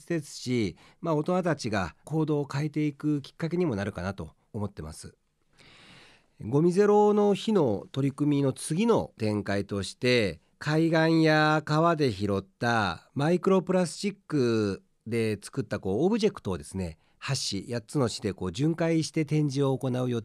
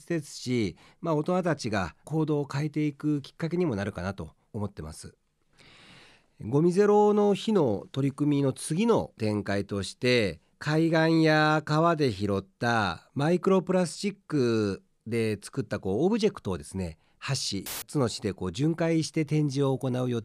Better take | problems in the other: first | audio cutting out; filled with static; at 18 s

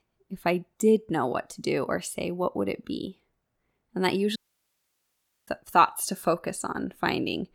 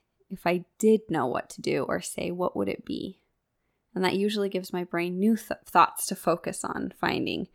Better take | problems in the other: second | audio cutting out; at 4.5 s for 1 s

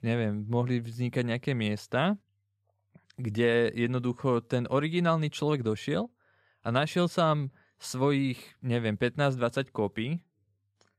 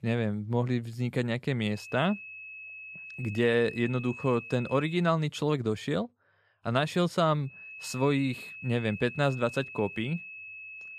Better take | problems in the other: first | high-pitched whine; noticeable; from 2 to 5 s and from 7.5 s on; 2.5 kHz, 10 dB below the speech

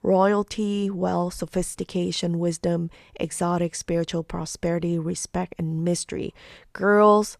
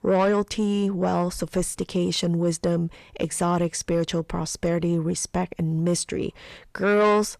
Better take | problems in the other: first | distortion; slight; 10 dB below the speech

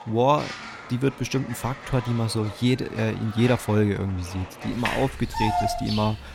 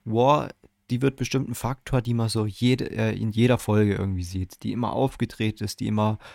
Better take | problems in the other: second | animal sounds; loud; throughout; 8 dB below the speech

